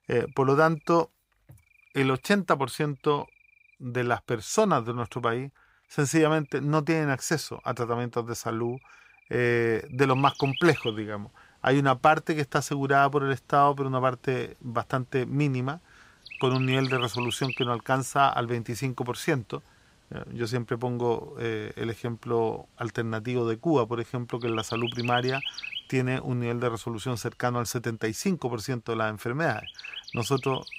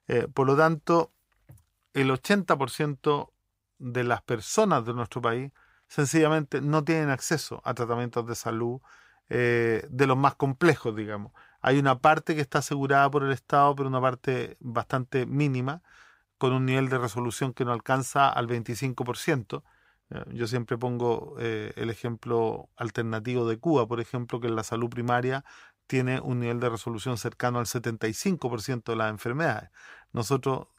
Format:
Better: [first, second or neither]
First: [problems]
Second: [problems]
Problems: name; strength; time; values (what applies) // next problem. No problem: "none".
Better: second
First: animal sounds; loud; throughout; 8 dB below the speech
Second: none